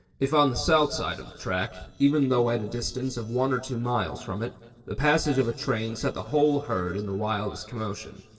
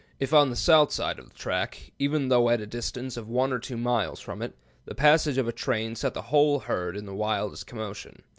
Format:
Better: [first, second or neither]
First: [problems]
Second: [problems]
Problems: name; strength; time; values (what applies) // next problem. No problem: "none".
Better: second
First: noise reduction (neural separator model SepFormer DNS4)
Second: none